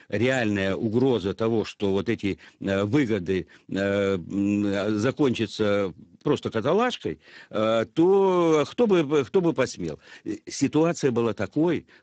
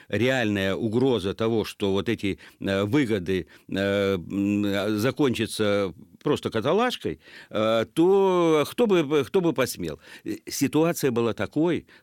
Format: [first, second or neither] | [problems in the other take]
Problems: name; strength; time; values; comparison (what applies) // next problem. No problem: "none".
second | garbled, watery; badly; nothing above 7.5 kHz